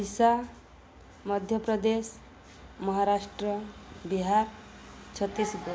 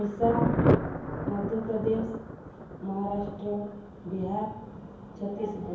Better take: first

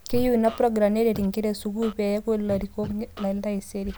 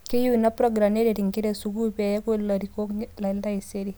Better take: second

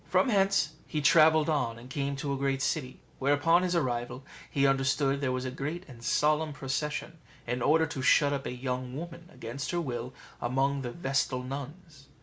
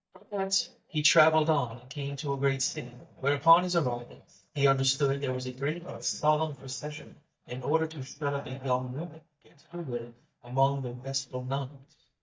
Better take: first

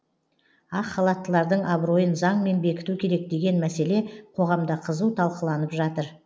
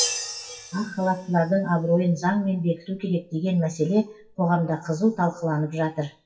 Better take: first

